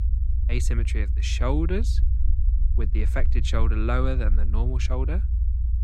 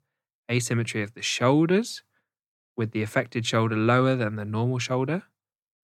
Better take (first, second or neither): second